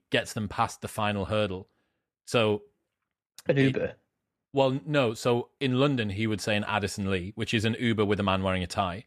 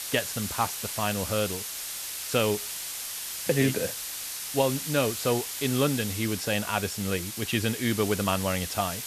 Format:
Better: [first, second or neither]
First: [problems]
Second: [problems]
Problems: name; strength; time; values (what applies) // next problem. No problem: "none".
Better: first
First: none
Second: hiss; loud; throughout; 4 dB below the speech